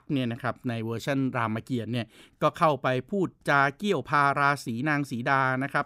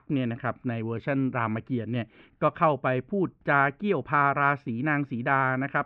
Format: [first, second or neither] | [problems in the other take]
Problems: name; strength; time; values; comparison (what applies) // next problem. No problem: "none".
first | muffled; very; fading above 2.5 kHz